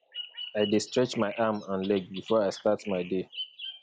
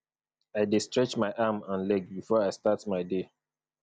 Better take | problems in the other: second | background sound (Bird vocalization, bird call, bird song); 14 dB below the speech

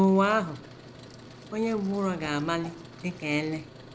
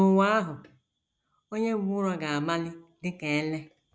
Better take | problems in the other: second | background sound (Whoosh, swoosh, swish + Truck); 17 dB below the speech

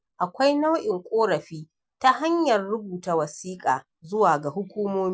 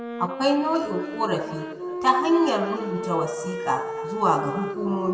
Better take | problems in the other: first | background sound (Wind instrument, woodwind instrument); 7 dB below the speech // room echo; dies away in 2 s

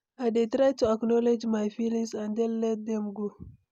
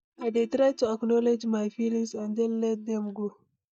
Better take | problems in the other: first | noise reduction (neural mask model DeepFilterNet 3)

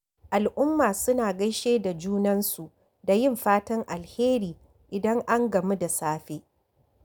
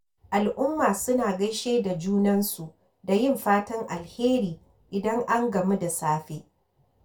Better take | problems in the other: first | room echo; dies away in 0.2 s

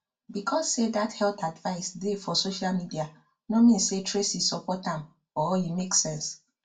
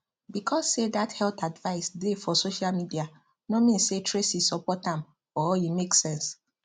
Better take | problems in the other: second | room echo; dies away in 0.2 s

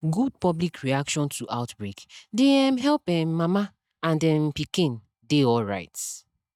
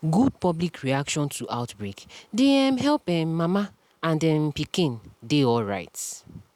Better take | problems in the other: second | noise reduction (neural mask model DeepFilterNet 3)

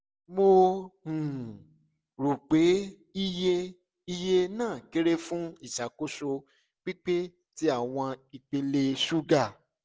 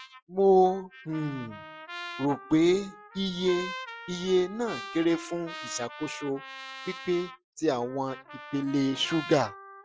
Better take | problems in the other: first | noise reduction (classical method Wiener filter)

